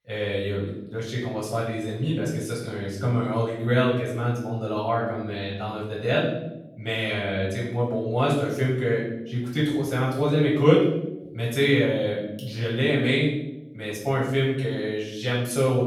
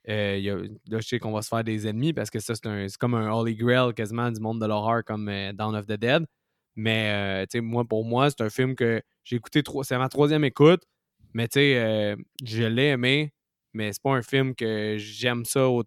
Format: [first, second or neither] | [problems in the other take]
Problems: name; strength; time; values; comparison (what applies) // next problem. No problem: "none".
second | off-mic speech; far // room echo; noticeable; dies away in 0.8 s